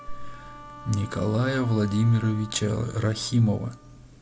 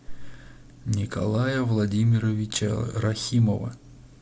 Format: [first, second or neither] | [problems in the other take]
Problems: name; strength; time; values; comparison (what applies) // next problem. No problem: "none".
second | background sound (Wind instrument, woodwind instrument); 19 dB below the speech